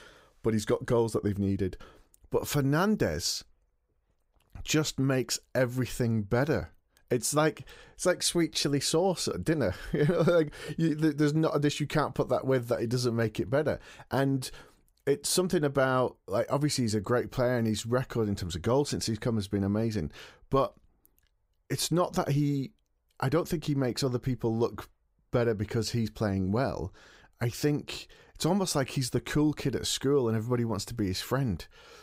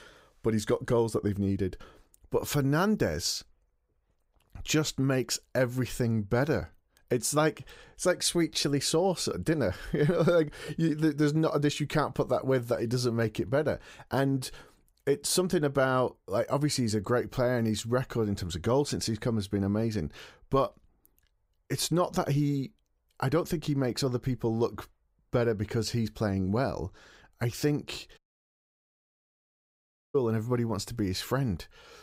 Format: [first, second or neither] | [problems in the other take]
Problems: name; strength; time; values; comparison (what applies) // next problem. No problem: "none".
first | audio cutting out; at 28 s for 2 s